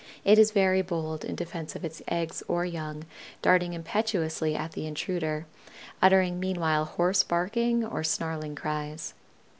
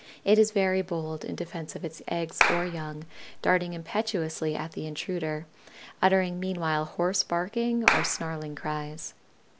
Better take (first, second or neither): first